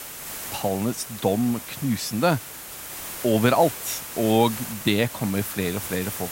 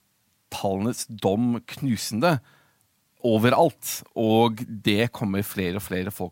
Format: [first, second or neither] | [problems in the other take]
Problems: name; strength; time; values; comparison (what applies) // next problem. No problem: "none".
second | hiss; loud; throughout; 9 dB below the speech